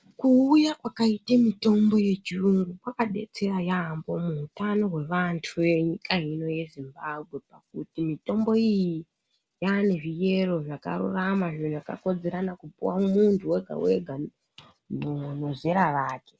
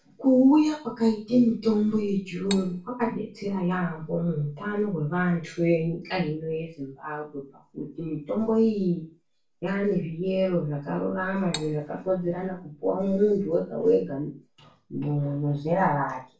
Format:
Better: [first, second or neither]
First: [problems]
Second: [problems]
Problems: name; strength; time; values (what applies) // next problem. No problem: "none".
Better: first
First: none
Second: background sound (Cutlery, silverware); 12 dB below the speech // room echo; dies away in 0.3 s